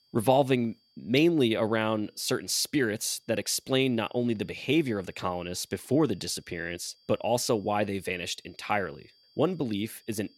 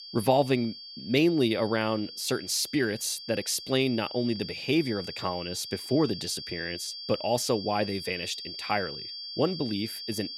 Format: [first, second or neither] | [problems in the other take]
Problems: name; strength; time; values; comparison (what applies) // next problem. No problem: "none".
first | high-pitched whine; loud; throughout; 4.5 kHz, 10 dB below the speech; faint in the first